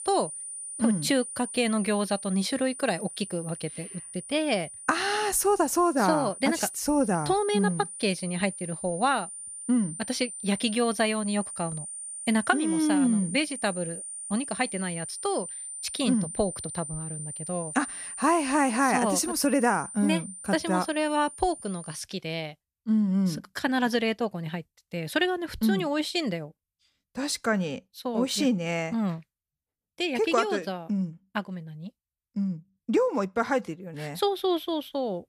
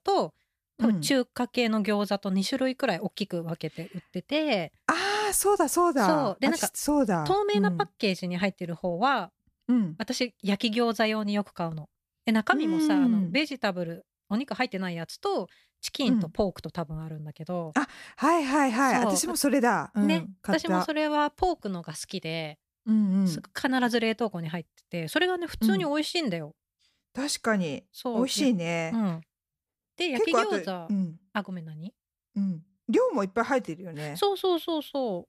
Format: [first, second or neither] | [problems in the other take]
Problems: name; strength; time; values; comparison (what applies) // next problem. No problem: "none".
second | high-pitched whine; loud; until 22 s; 9 kHz, 9 dB below the speech